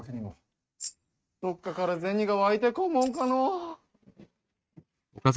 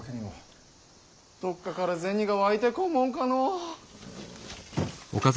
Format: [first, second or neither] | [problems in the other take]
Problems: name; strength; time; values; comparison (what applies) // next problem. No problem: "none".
second | noise reduction (neural mask model RNNoise)